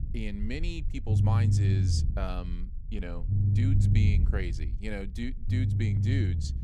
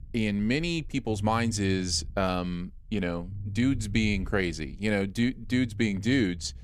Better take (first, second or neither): second